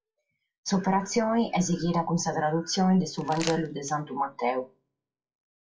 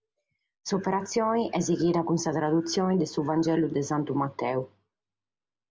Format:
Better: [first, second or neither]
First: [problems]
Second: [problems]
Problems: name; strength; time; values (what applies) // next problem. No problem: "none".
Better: second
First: noise reduction (classical method WPE with log-MMSE)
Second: none